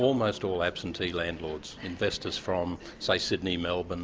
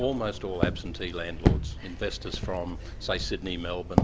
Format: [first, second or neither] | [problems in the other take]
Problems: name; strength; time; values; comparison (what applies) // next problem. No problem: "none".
first | background sound (Walk, footsteps); 3 dB above the speech